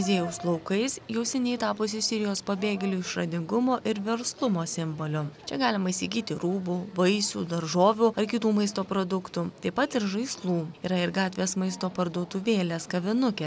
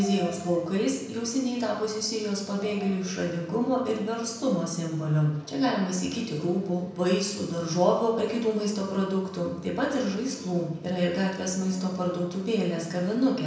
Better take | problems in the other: first | room echo; dies away in 0.9 s

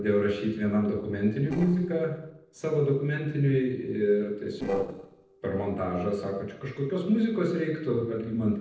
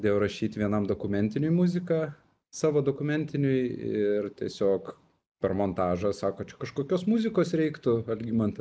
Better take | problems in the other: second | noise reduction (neural separator model SepFormer DNS4)

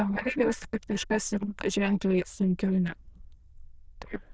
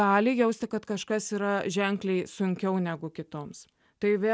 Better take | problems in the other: second | noise reduction (neural diffusion model UNIVERSE++)

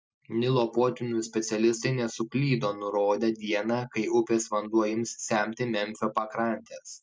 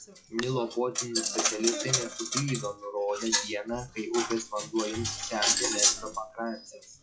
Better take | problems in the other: first | noise reduction (classical method log-MMSE)

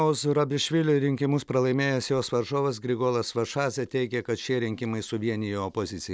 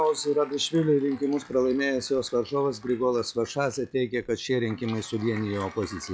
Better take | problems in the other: first | noise reduction (classical method log-MMSE)

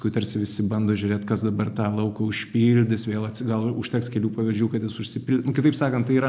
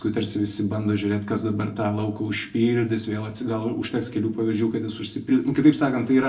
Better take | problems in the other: first | room echo; dies away in 0.2 s

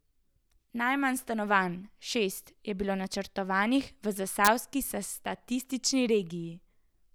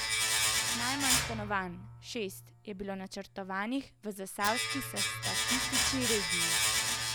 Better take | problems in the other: first | background sound (Domestic sounds, home sounds); 5 dB above the speech

